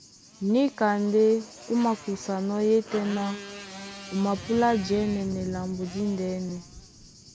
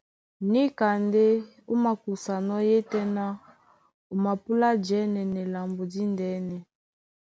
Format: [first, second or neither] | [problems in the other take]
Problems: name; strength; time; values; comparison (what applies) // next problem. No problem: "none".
second | background sound (Thunder / Cricket + Motorcycle); 15 dB below the speech